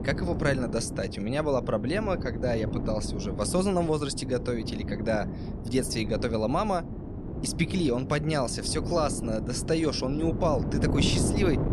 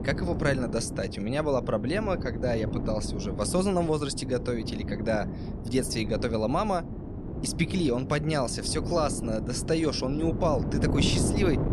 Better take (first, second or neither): neither